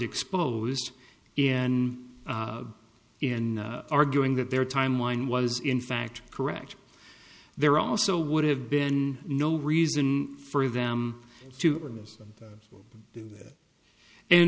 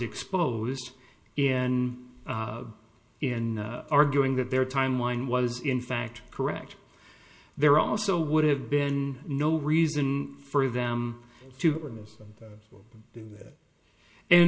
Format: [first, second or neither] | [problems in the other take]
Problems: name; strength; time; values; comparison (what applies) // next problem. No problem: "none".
first | room echo; dies away in 0.2 s